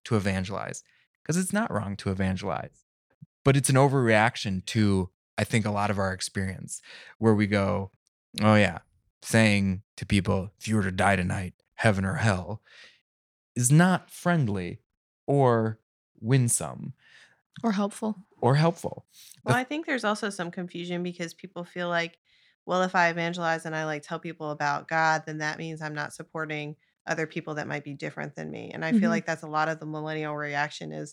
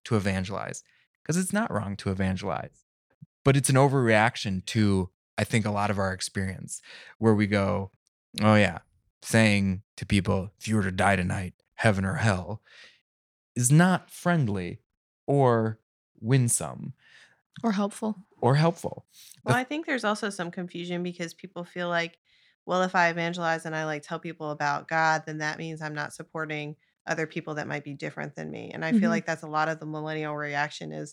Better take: neither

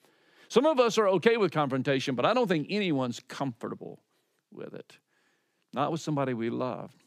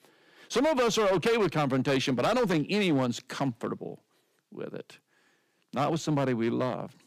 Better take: first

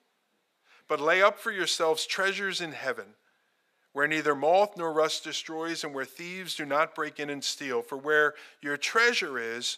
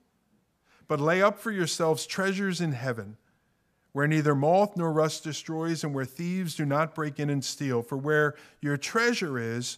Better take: second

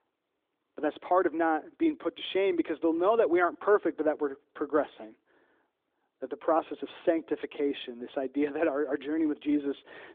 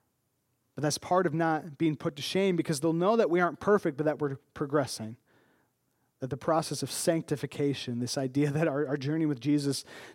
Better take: second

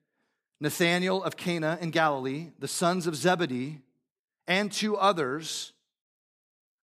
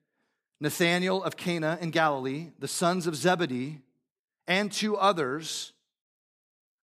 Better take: neither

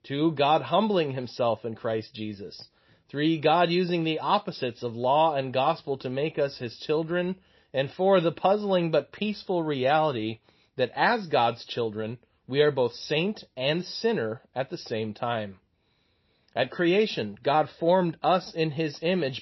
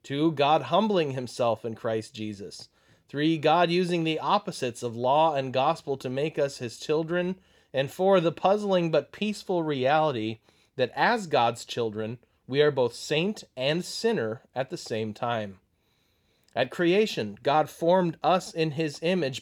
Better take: second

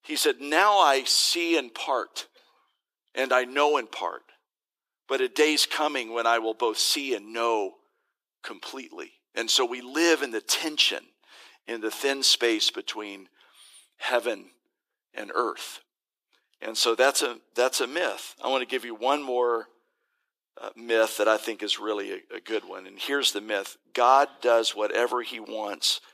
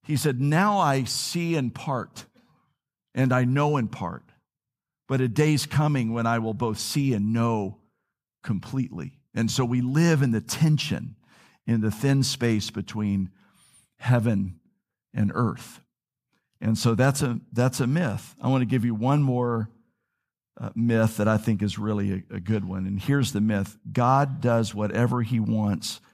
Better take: second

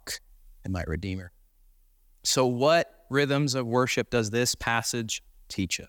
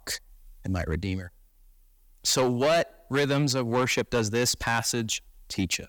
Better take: first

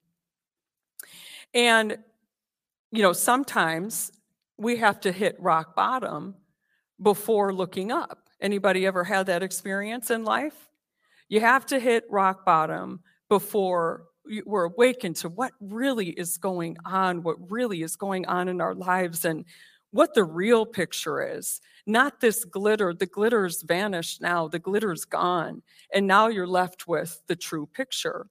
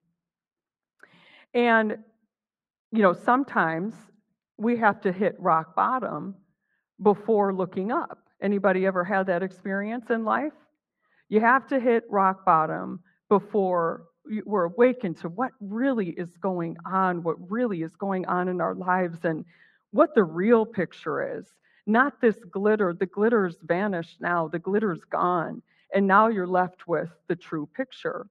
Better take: first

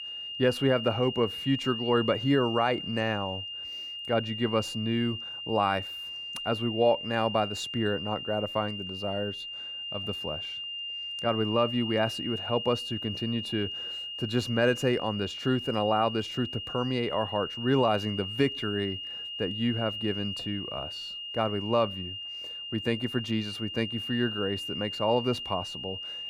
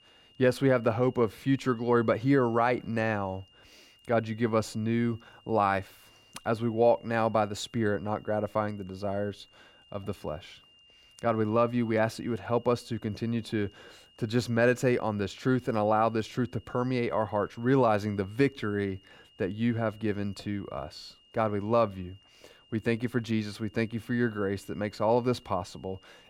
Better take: second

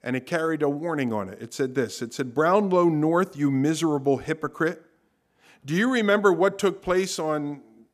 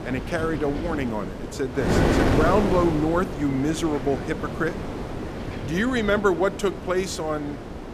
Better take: first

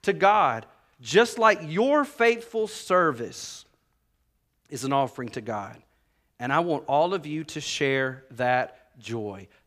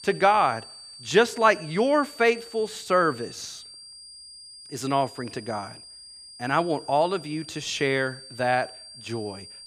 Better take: first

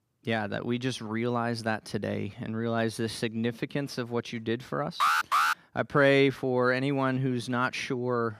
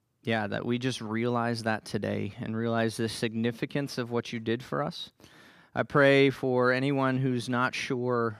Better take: second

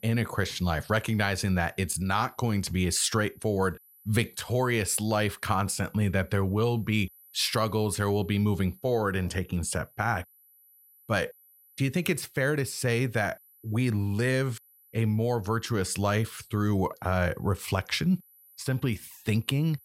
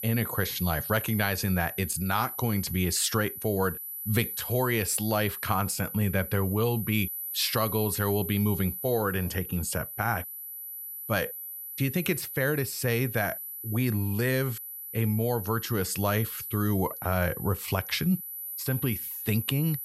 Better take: first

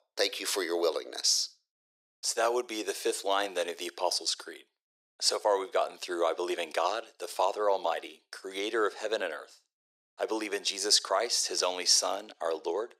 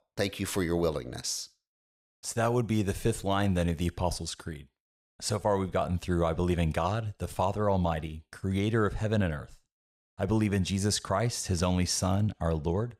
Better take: second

